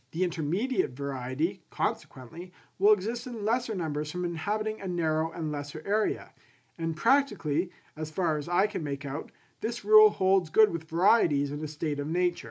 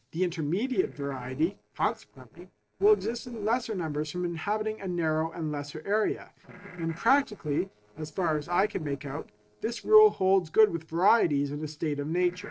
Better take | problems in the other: first | noise reduction (neural separator model SepFormer DNS4)

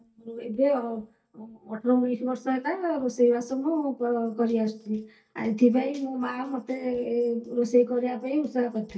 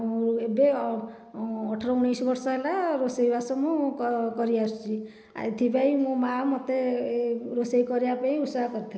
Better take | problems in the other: second | noise reduction (neural mask model DeepFilterNet 3)

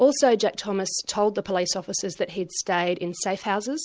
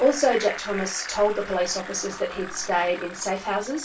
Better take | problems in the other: first | background sound (Bicycle); 12 dB below the speech // room echo; dies away in 0.1 s

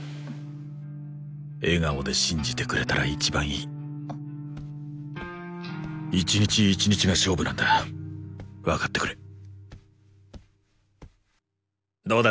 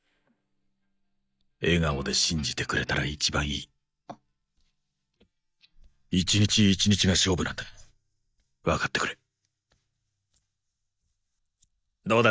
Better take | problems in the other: first | noise reduction (neural mask model DeepFilterNet 3)

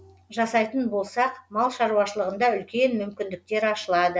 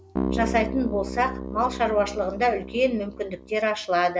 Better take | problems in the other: first | background sound (Keyboard (musical)); 7 dB below the speech

